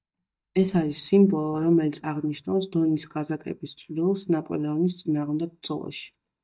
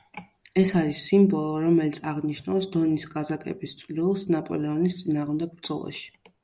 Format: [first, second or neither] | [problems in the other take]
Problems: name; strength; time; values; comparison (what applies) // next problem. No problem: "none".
second | noise reduction (neural mask model DeepFilterNet 3)